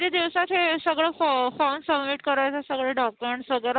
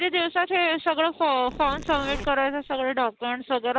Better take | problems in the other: first | background sound (Zipper (clothing)); 13 dB below the speech

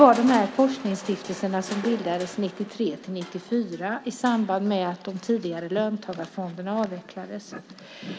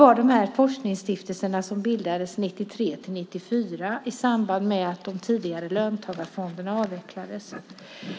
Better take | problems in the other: second | background sound (Crushing); 17 dB below the speech

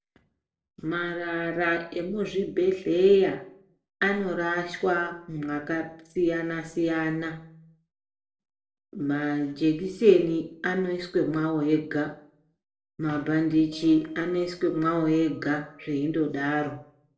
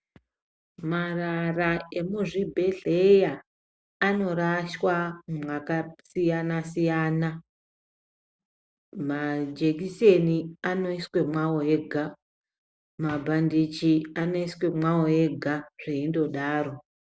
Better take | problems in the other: second | noise reduction (neural separator model SepFormer DNS4)

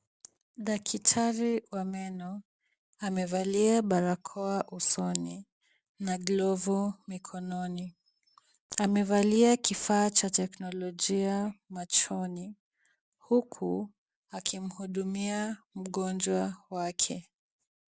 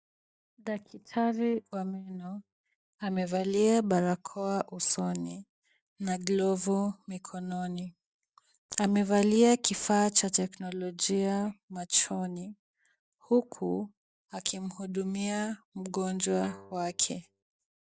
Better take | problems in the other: first | noise reduction (neural mask model DeepFilterNet 3)

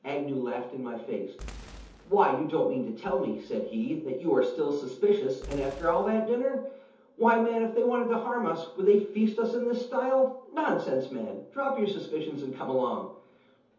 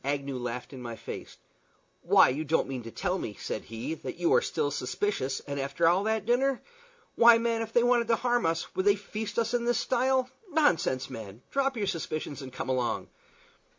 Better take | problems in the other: second | background sound (Boom); 19 dB below the speech // room echo; dies away in 0.6 s

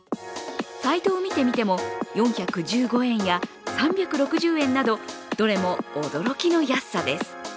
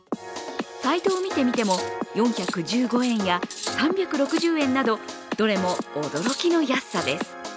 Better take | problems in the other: first | background sound (Cutlery, silverware); 15 dB below the speech

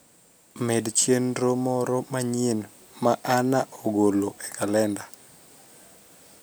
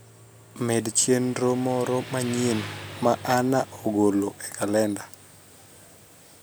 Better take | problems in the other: first | background sound (Motorcycle); 16 dB below the speech

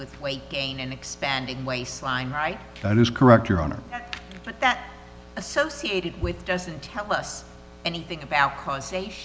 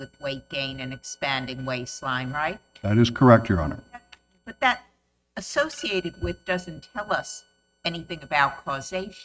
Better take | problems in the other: first | noise reduction (neural mask model RNNoise)

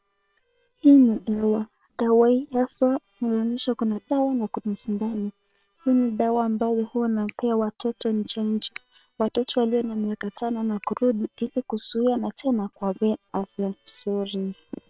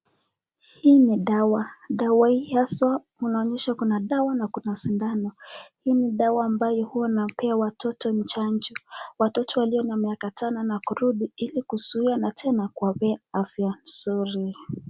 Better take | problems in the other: second | noise reduction (neural separator model SepFormer WHAM!)

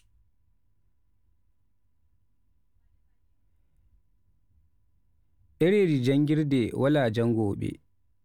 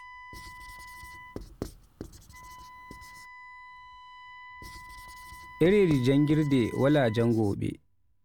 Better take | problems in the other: first | background sound (Writing + Wind instrument, woodwind instrument); 15 dB below the speech

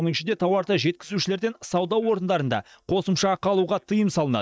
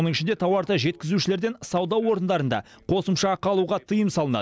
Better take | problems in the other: second | noise reduction (neural mask model DeepFilterNet 3)

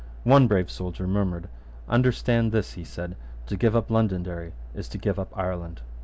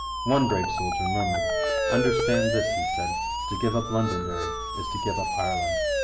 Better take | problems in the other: first | background sound (Siren); 1 dB above the speech // room echo; dies away in 1 s

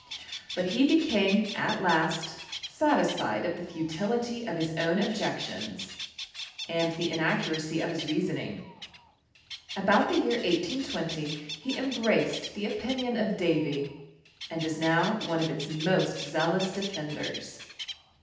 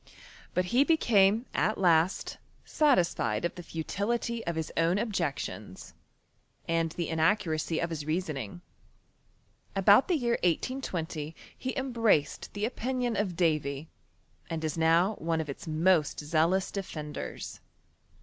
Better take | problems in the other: second | background sound (Bird); 12 dB below the speech // room echo; dies away in 0.8 s

